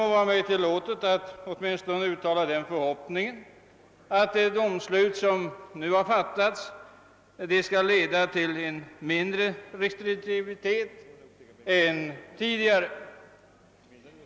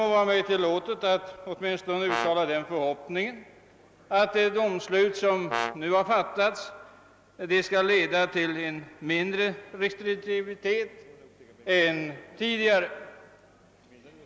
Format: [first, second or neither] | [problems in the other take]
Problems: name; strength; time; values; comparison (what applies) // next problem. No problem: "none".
first | background sound (Brass instrument); 6 dB below the speech